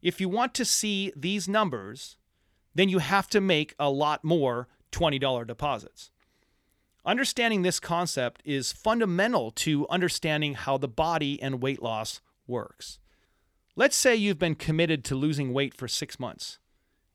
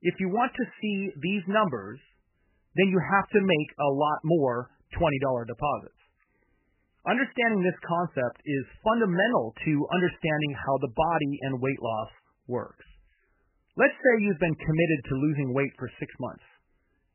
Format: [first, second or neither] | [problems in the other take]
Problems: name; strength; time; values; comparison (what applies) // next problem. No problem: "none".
first | garbled, watery; badly; nothing above 3 kHz